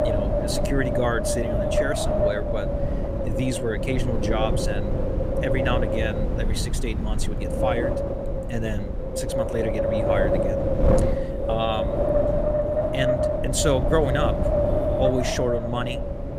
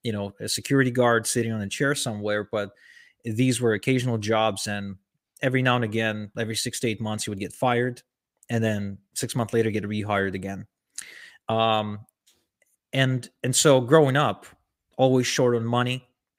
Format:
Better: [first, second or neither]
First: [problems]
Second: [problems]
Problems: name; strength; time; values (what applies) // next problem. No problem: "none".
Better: second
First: wind noise on the microphone; heavy; 3 dB above the speech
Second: none